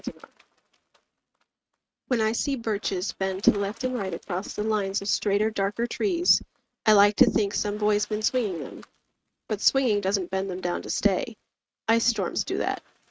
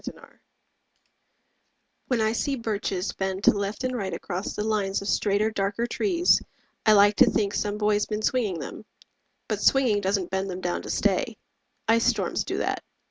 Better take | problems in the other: second | noise reduction (neural mask model RNNoise)

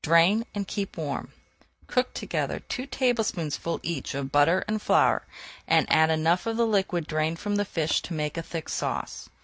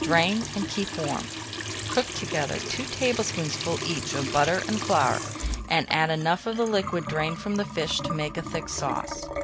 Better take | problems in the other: first | background sound (Trickle, dribble / Sink (filling or washing) / Water tap, faucet); 6 dB below the speech

